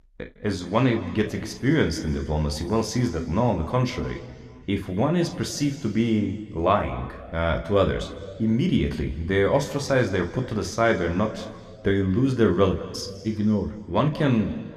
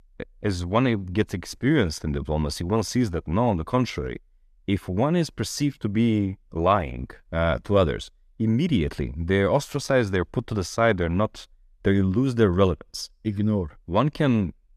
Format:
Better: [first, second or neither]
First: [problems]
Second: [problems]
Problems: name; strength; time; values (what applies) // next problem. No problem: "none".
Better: second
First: room echo; slight; dies away in 1.8 s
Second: none